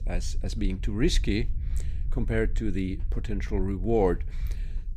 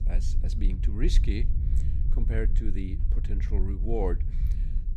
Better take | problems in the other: first | low rumble; loud; throughout; 10 dB below the speech; faint in the first

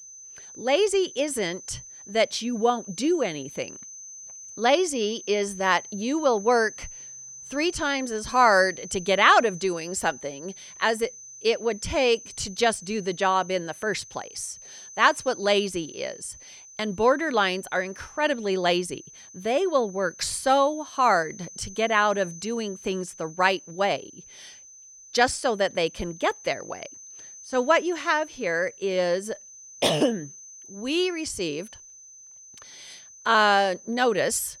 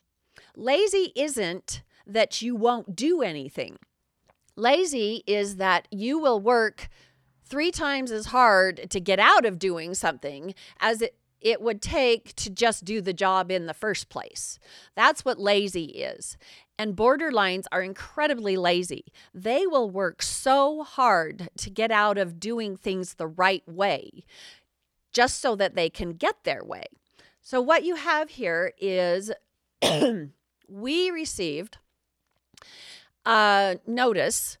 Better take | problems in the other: second | high-pitched whine; noticeable; throughout; 6 kHz, 15 dB below the speech

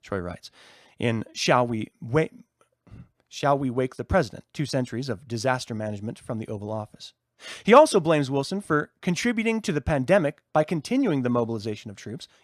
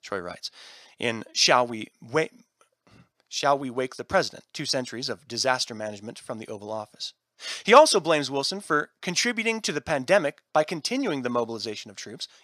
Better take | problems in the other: first | thin; very slightly; fading below 600 Hz

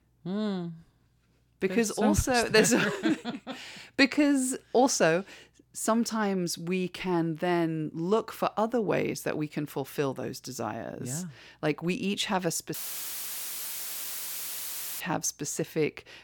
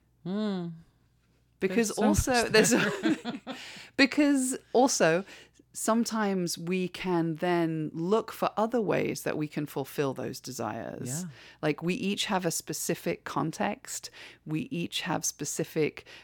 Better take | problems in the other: second | audio cutting out; filled with static; at 13 s for 2.5 s

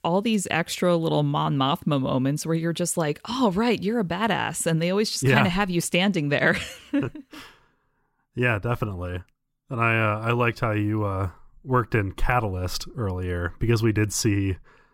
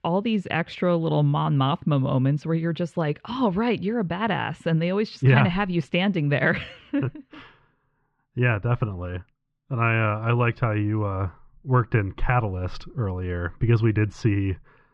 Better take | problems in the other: first | muffled; slightly; fading above 3 kHz

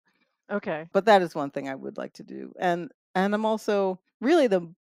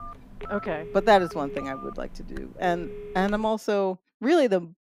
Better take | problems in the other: first | phone ringing; faint; until 3.5 s; peak 10 dB below the speech

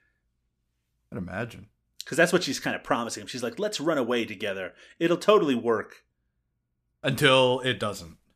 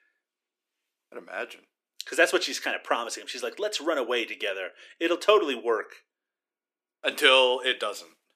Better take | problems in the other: first | thin; somewhat; fading below 350 Hz

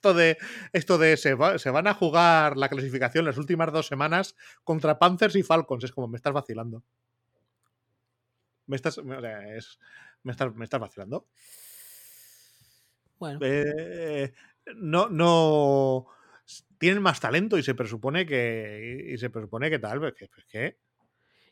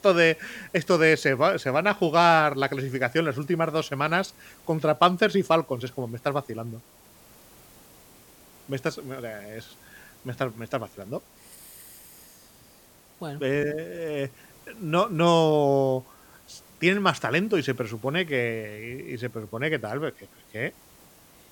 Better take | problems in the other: first | hiss; faint; throughout; 25 dB below the speech

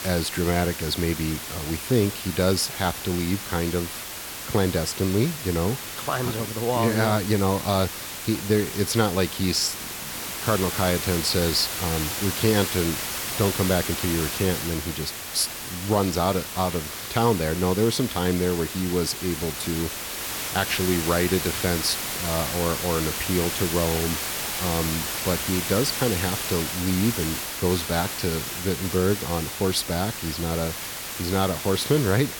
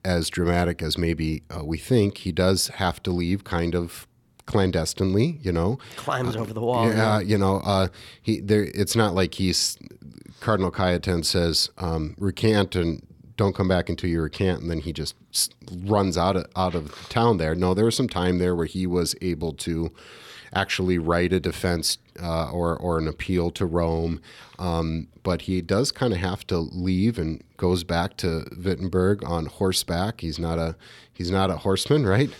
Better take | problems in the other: second | hiss; loud; throughout; 4 dB below the speech

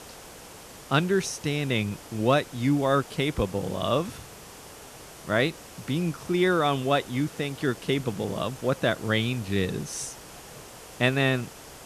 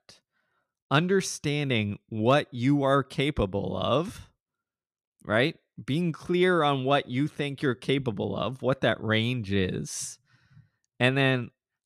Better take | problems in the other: second | hiss; noticeable; throughout; 15 dB below the speech

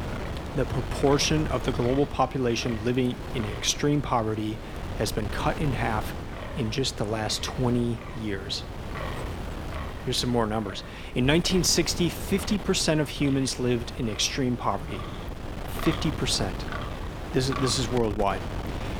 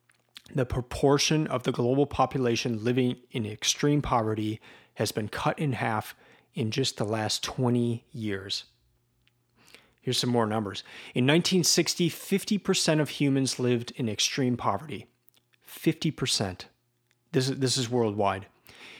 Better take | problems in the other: second | wind noise on the microphone; heavy; 9 dB below the speech

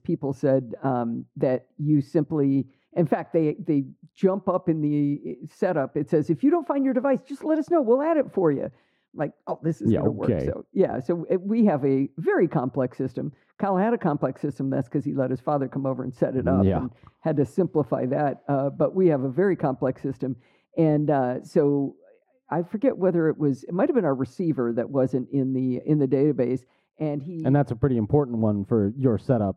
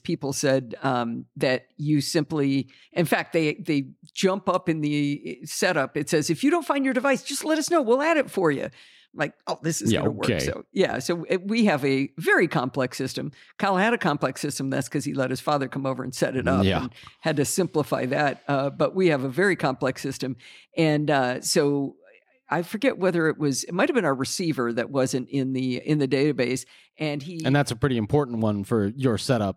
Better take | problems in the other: second | muffled; very; fading above 1.5 kHz

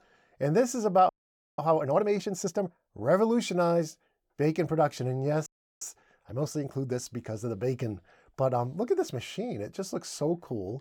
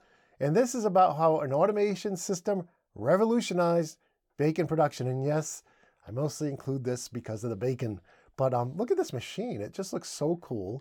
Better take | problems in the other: second | audio freezing; at 1 s and at 5.5 s

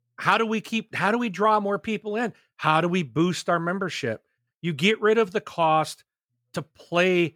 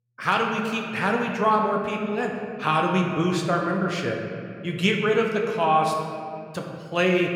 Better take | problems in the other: first | room echo; noticeable; dies away in 2.1 s

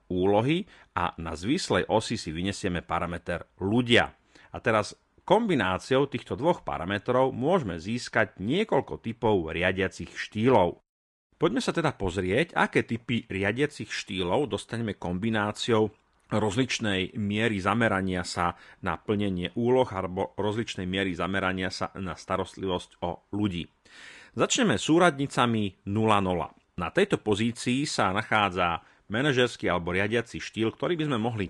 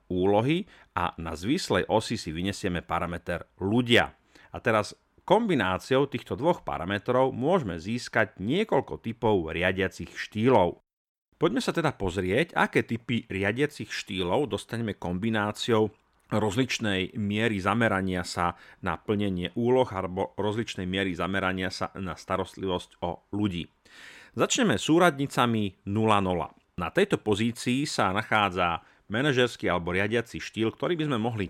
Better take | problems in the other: second | garbled, watery; slightly

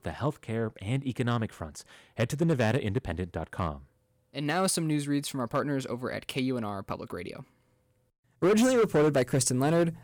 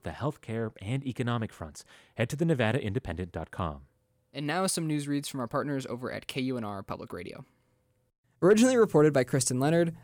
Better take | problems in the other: second | distortion; slight; 4% of the sound clipped

